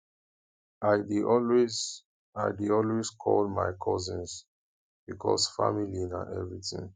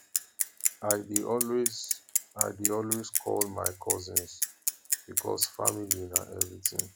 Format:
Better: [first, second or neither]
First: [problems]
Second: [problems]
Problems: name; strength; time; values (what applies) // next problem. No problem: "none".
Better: first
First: none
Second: background sound (Bicycle); 2 dB above the speech